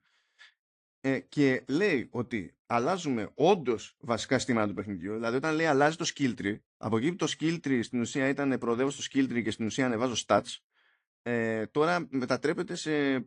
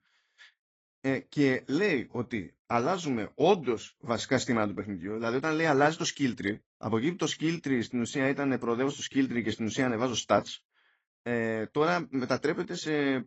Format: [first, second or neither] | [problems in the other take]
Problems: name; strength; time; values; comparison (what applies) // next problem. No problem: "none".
first | garbled, watery; badly; nothing above 7.5 kHz; slightly in the first